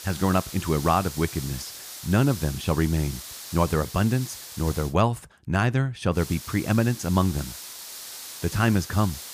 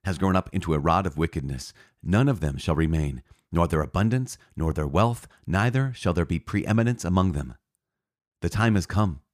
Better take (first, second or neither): second